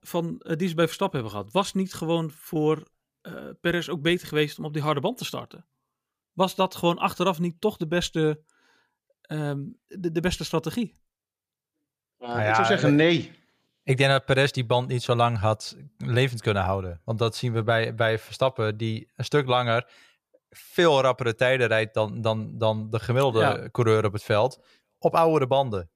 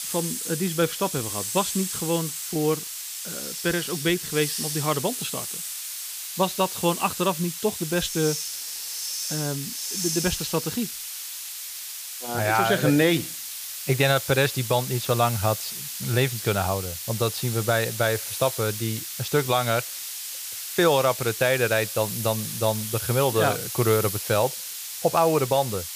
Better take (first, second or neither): first